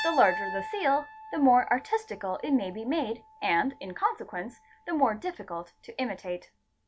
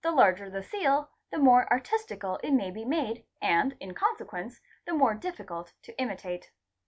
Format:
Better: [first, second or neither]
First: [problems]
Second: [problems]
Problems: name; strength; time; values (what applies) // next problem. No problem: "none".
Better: second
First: background sound (Piano); 14 dB below the speech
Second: none